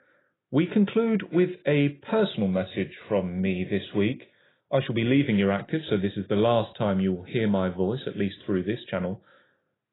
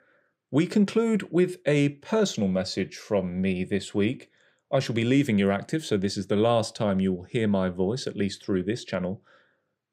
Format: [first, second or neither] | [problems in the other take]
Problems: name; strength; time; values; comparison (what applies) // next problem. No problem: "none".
second | garbled, watery; badly; nothing above 4 kHz